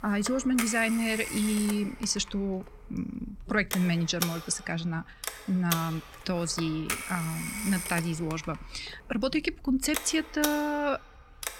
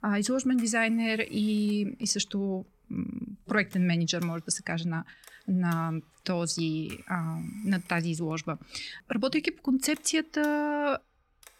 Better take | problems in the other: second | alarms or sirens; loud; throughout; 6 dB below the speech; faint in the second

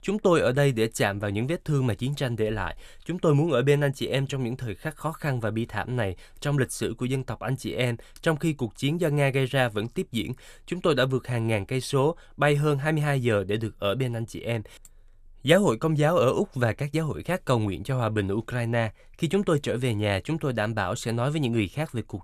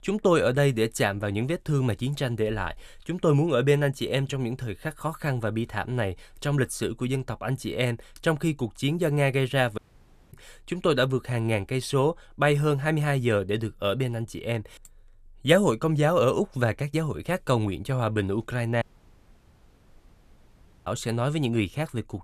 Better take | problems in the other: first | audio cutting out; at 10 s for 0.5 s and at 19 s for 2 s

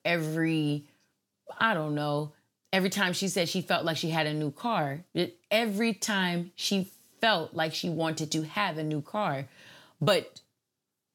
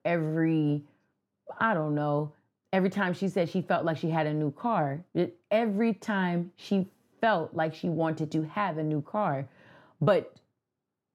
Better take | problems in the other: first | muffled; very; fading above 2.5 kHz

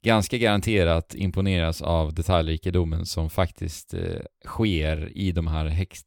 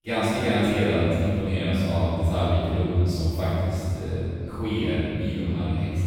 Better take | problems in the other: first | off-mic speech; far // room echo; strong; dies away in 2.9 s

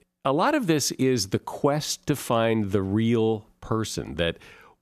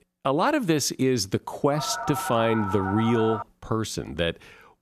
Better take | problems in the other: first | phone ringing; noticeable; from 1.5 to 3.5 s; peak 6 dB below the speech

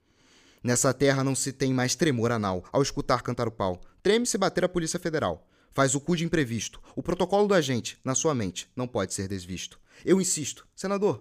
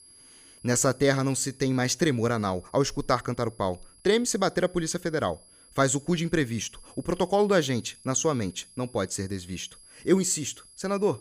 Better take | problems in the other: first | high-pitched whine; faint; throughout; 10.5 kHz, 25 dB below the speech

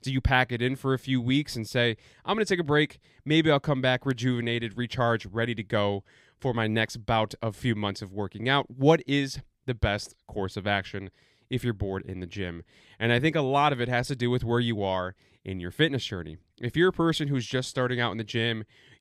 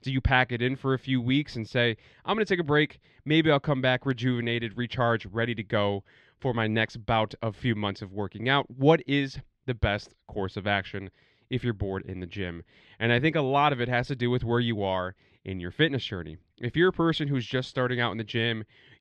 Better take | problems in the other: first | muffled; very slightly; fading above 3 kHz

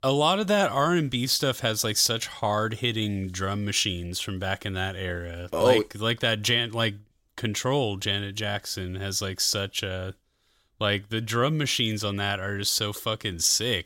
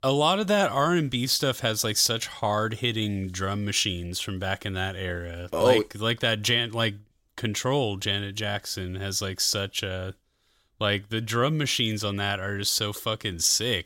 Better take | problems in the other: neither | none

